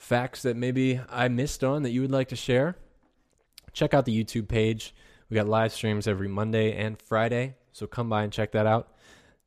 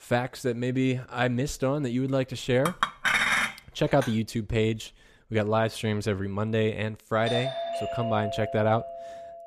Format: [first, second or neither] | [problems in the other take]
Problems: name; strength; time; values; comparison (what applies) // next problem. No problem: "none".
first | clattering dishes; loud; from 2.5 to 4 s; peak 6 dB above the speech // doorbell; noticeable; from 7.5 s on; peak 3 dB below the speech